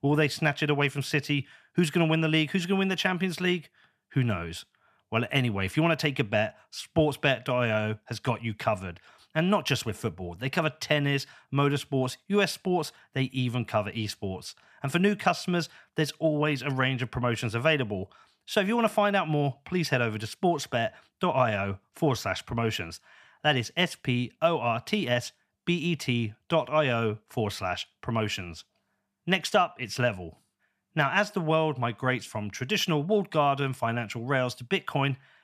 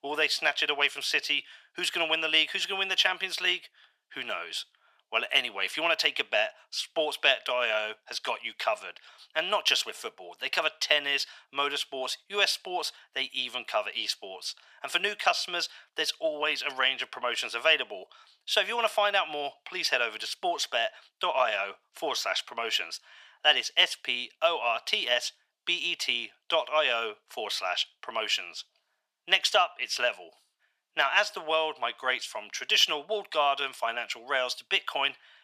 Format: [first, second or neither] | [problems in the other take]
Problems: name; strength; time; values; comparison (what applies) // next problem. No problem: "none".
first | thin; very; fading below 550 Hz